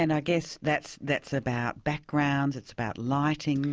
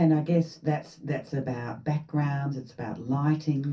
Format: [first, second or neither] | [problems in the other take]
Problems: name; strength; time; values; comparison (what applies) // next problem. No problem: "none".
first | room echo; dies away in 0.3 s